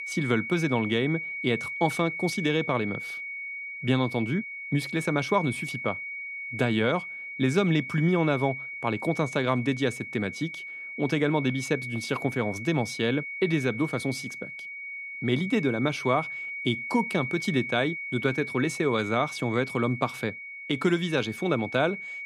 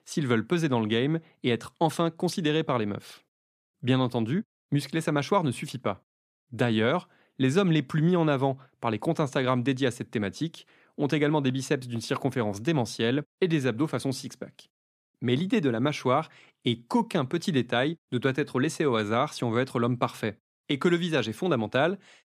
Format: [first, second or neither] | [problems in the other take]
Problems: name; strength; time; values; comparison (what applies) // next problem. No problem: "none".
second | high-pitched whine; loud; throughout; 2 kHz, 7 dB below the speech